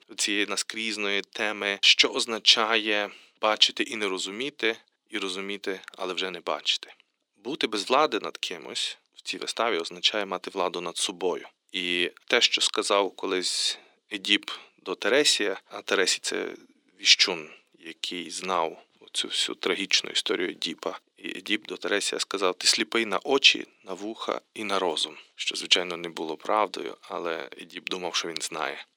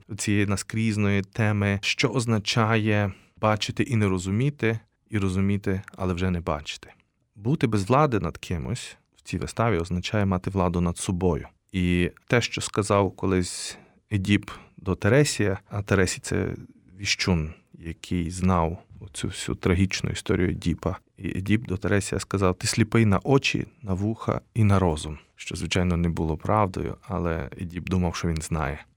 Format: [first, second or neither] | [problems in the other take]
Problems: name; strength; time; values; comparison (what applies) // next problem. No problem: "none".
second | thin; very; fading below 300 Hz